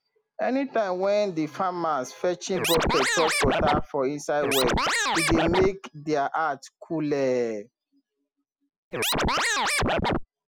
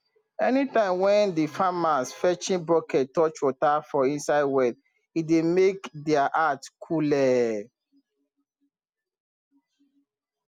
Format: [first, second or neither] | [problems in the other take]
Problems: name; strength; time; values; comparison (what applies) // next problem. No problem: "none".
second | background sound (Scratching (performance technique)); 3 dB above the speech